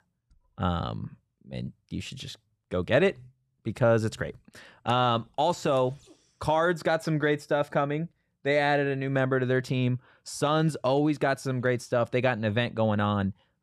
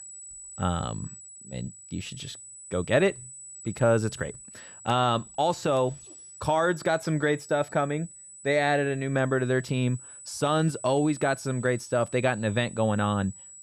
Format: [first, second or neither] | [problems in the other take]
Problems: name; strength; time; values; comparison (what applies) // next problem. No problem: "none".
first | high-pitched whine; noticeable; throughout; 8 kHz, 15 dB below the speech